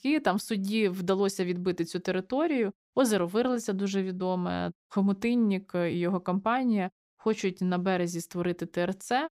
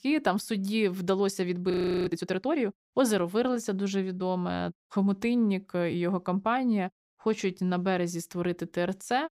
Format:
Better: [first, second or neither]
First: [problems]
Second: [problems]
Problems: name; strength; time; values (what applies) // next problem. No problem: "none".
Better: first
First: none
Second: audio freezing; at 1.5 s